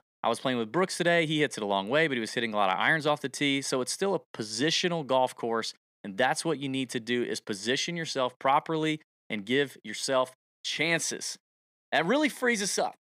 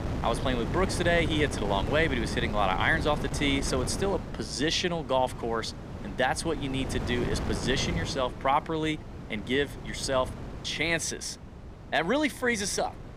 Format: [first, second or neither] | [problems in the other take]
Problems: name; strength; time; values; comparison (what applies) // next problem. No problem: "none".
first | wind noise on the microphone; occasional gusts; 10 dB below the speech